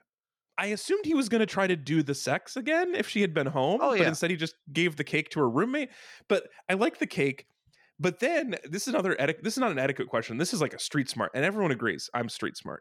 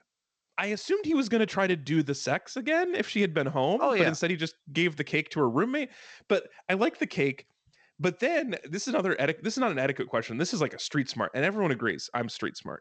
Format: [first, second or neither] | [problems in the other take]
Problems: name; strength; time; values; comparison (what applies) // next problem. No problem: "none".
first | garbled, watery; slightly; nothing above 7.5 kHz